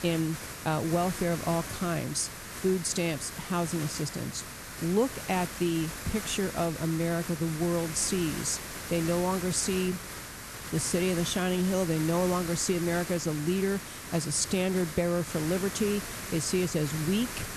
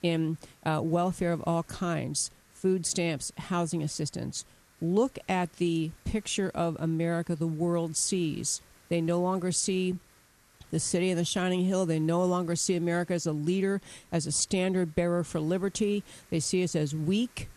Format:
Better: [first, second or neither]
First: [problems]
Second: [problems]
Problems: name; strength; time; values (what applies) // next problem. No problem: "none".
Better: second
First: hiss; loud; throughout; 8 dB below the speech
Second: hiss; faint; throughout; 30 dB below the speech